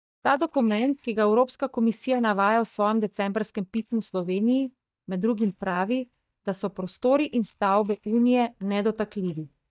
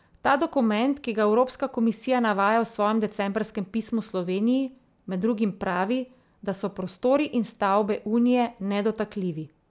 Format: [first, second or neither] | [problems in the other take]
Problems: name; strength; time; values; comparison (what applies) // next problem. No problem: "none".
second | noise reduction (neural mask model DeepFilterNet 3)